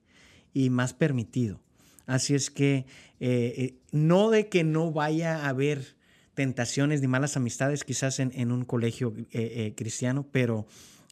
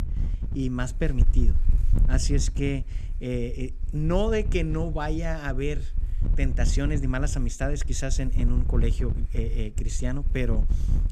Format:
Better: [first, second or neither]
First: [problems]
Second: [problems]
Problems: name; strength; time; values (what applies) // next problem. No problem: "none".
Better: first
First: none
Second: wind noise on the microphone; occasional gusts; 15 dB below the speech